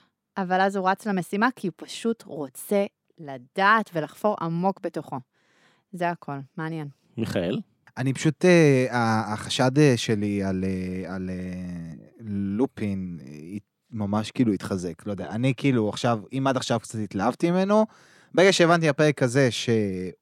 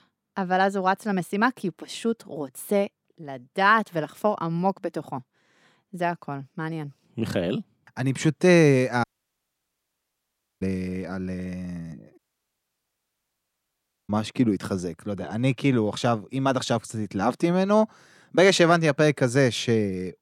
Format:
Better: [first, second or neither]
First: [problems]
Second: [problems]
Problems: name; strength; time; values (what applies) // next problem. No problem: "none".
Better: first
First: none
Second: audio cutting out; at 9 s for 1.5 s and at 12 s for 2 s